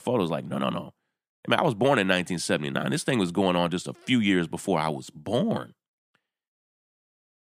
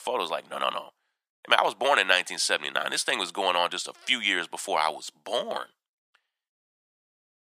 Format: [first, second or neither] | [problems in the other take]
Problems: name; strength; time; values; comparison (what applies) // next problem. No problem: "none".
first | thin; very; fading below 800 Hz